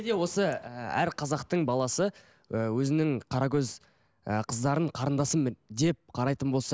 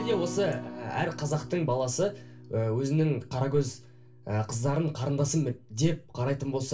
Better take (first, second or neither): first